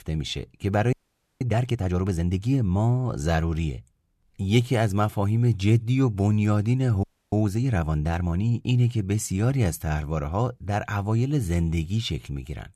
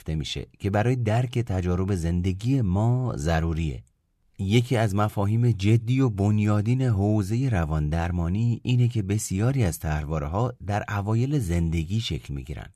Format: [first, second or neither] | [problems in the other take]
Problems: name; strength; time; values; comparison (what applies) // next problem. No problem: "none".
second | audio freezing; at 1 s and at 7 s